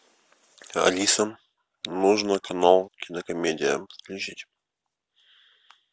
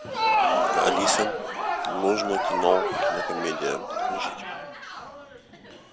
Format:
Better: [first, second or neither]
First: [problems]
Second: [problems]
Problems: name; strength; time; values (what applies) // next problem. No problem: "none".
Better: first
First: none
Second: background sound (Crowd); 3 dB above the speech